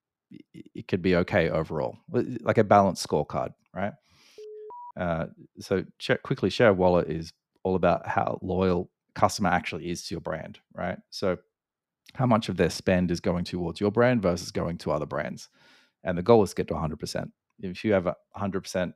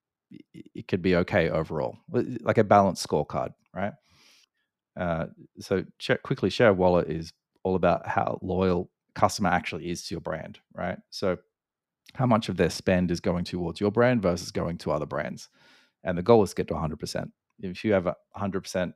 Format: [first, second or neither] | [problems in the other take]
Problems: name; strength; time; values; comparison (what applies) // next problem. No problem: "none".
second | alarm; faint; at 4.5 s; peak 15 dB below the speech